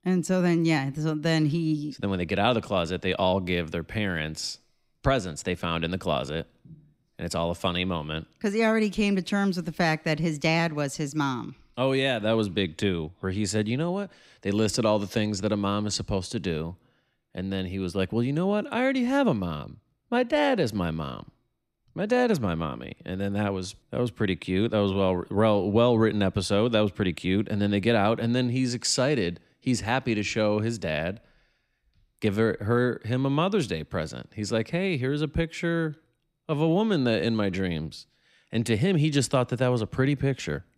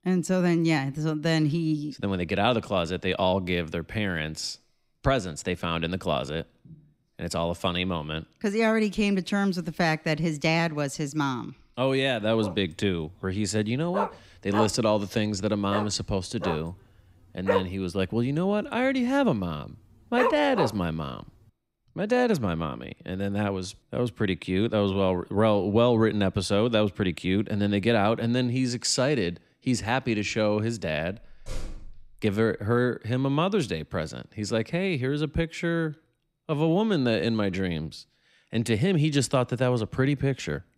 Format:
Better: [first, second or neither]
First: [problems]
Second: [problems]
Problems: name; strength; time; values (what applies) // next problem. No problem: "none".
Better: first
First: none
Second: dog barking; noticeable; from 12 to 21 s; peak 1 dB below the speech // door banging; faint; at 31 s; peak 15 dB below the speech